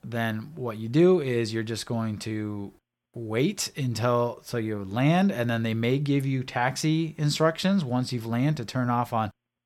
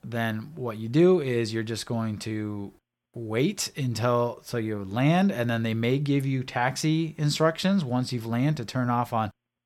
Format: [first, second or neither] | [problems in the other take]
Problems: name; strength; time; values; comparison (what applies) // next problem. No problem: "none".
neither | none